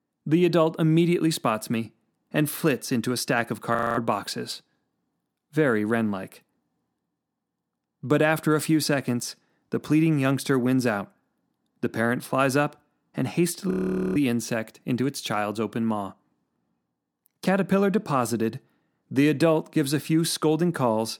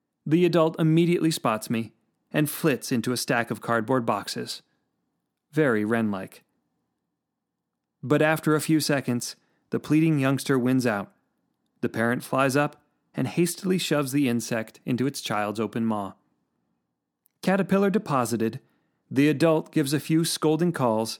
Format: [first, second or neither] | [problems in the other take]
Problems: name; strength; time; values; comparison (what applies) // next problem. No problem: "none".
second | audio freezing; at 4 s and at 14 s